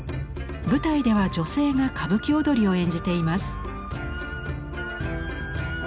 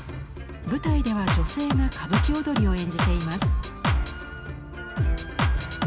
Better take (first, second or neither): first